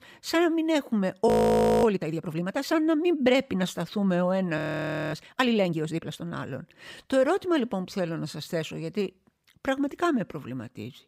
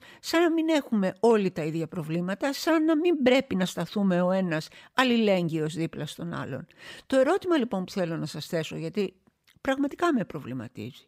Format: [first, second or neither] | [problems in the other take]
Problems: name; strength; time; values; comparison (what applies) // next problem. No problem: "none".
second | audio freezing; at 1.5 s for 0.5 s and at 4.5 s for 0.5 s